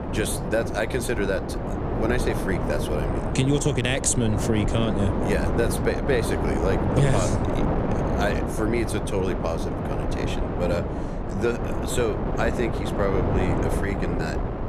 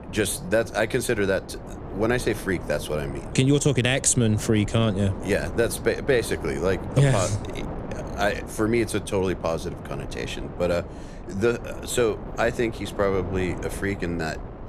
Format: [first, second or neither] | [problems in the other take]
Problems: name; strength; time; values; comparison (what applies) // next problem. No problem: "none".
second | wind noise on the microphone; heavy; 2 dB below the speech; occasional gusts in the second